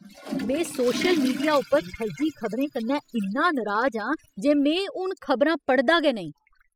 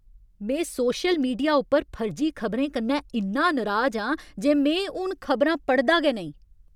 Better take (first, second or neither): second